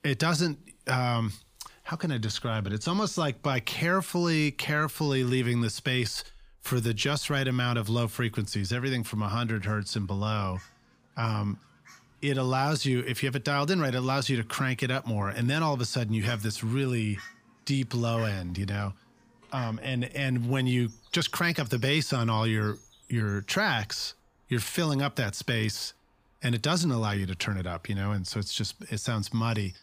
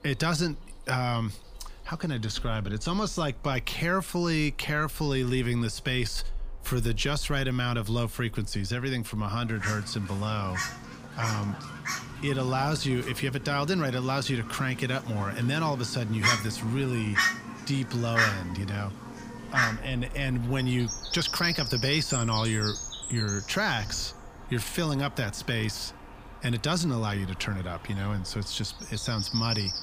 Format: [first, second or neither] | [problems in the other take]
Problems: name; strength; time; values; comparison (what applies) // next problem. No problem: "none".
first | animal sounds; loud; throughout; 4 dB below the speech; faint in the first